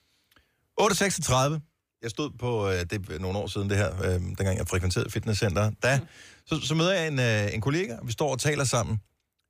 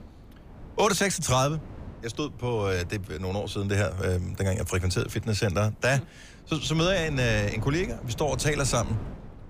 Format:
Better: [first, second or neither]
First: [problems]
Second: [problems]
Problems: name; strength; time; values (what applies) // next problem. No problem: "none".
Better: first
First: none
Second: wind noise on the microphone; occasional gusts; 20 dB below the speech